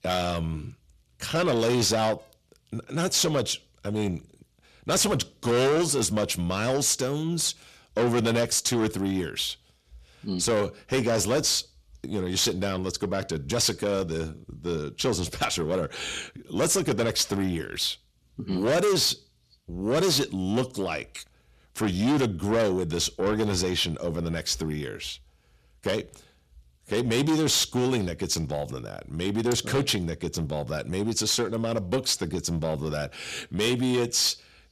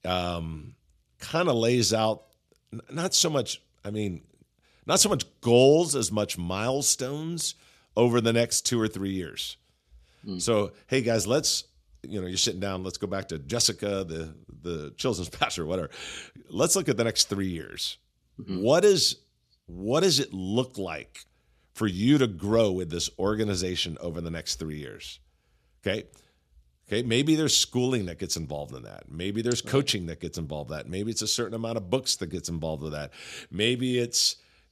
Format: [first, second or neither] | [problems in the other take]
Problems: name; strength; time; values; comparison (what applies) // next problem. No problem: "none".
second | distortion; heavy; 6 dB below the speech